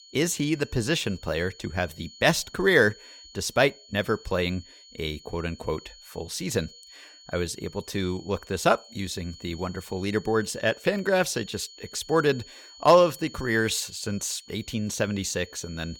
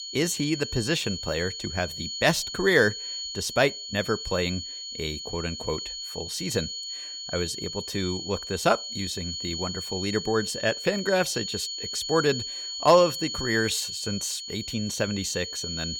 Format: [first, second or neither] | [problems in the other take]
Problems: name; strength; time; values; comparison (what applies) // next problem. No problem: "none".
first | high-pitched whine; loud; throughout; 4.5 kHz, 5 dB below the speech; faint in the first